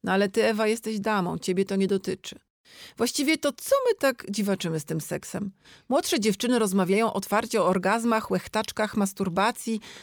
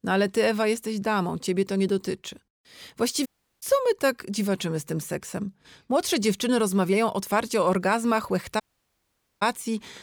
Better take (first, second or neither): first